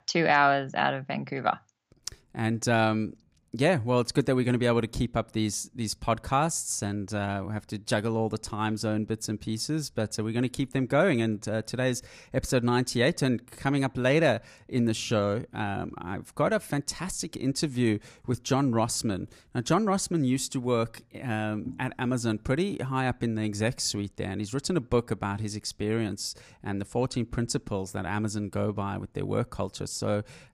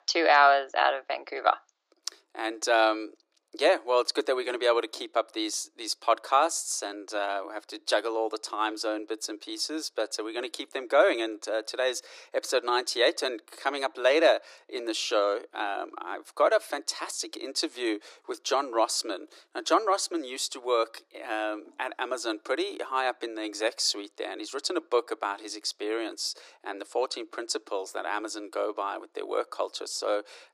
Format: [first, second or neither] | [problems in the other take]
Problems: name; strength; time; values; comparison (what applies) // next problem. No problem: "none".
first | thin; very; fading below 300 Hz